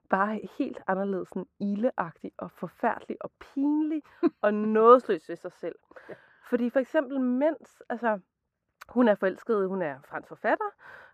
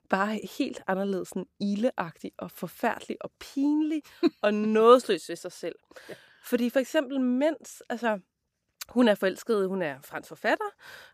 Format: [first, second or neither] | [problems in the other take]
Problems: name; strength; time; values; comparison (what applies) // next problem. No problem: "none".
second | muffled; very; fading above 2.5 kHz